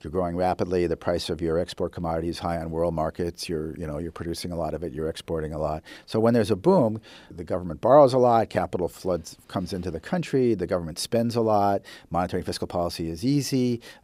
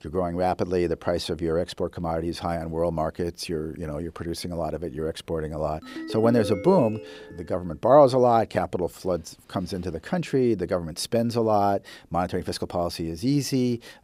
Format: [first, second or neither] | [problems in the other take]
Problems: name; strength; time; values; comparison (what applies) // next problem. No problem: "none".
first | phone ringing; noticeable; from 6 to 7.5 s; peak 5 dB below the speech